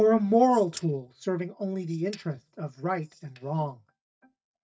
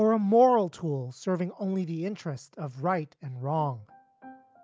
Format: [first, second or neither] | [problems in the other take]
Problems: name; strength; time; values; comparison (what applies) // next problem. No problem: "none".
second | noise reduction (neural mask model DeepFilterNet 3)